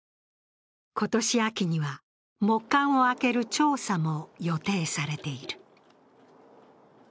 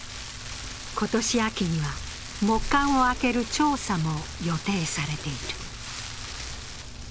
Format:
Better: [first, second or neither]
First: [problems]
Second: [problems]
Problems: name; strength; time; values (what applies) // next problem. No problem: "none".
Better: first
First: none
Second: background sound (Rain); 8 dB below the speech